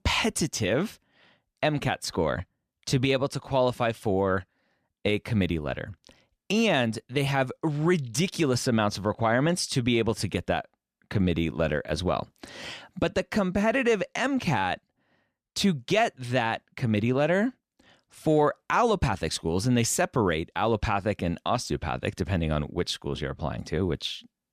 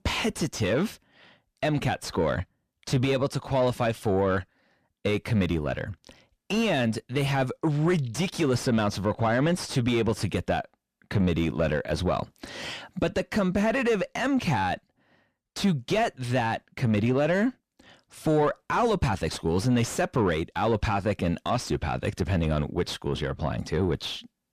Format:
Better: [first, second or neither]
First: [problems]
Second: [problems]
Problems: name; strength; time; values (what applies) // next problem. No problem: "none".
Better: first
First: none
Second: distortion; slight; 10 dB below the speech